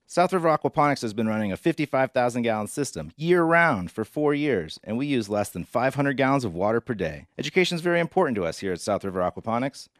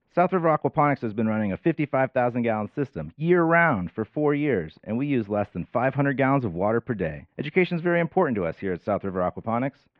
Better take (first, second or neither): first